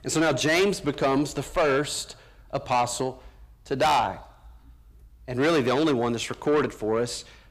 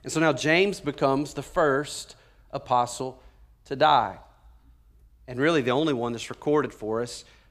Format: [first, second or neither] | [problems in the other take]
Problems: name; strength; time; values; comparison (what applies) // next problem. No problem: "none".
second | distortion; heavy; 7 dB below the speech